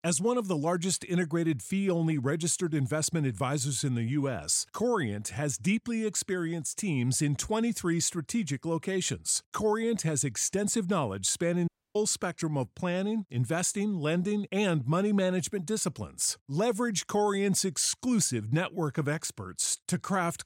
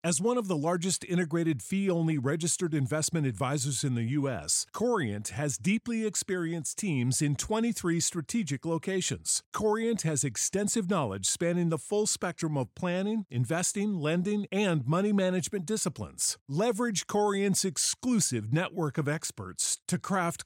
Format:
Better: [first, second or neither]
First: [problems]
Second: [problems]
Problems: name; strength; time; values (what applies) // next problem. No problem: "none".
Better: second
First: audio cutting out; at 12 s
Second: none